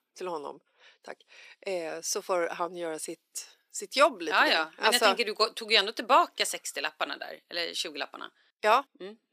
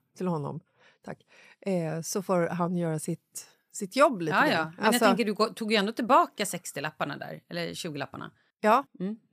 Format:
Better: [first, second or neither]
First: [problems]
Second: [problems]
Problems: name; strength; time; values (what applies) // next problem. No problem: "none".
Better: second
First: thin; somewhat; fading below 300 Hz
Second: none